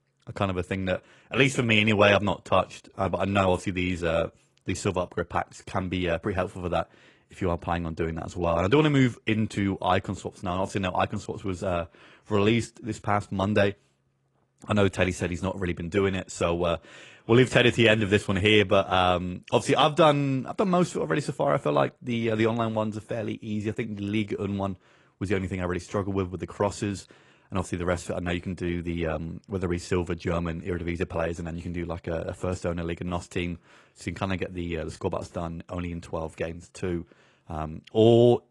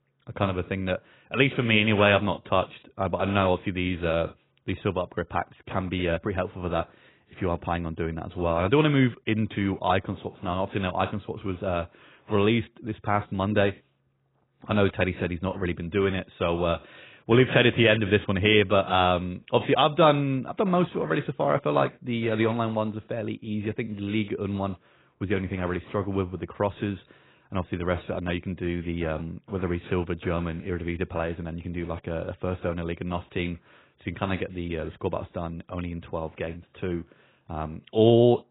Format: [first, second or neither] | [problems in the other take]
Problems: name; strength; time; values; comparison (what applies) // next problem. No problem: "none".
first | garbled, watery; badly; nothing above 4 kHz; slightly in the first